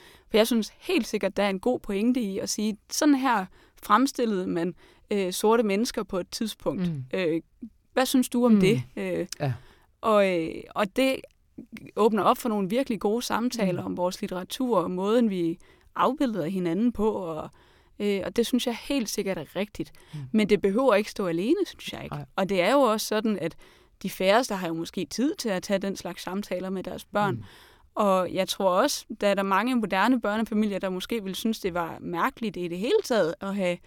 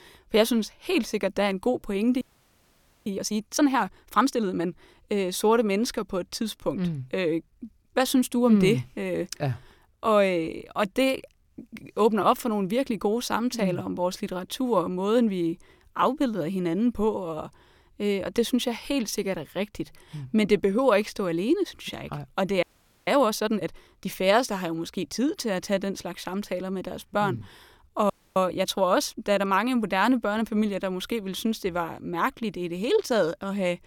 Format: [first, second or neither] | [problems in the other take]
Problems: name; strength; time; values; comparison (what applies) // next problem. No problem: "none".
first | audio freezing; at 2 s for 1 s, at 23 s and at 28 s